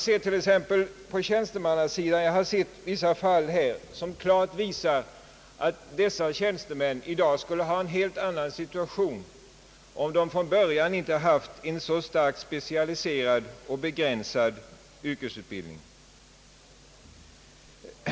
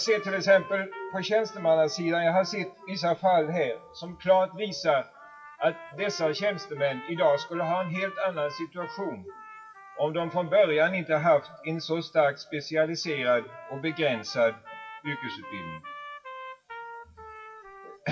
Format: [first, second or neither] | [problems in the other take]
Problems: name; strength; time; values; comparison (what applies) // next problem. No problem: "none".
first | noise reduction (classical method WPE with log-MMSE)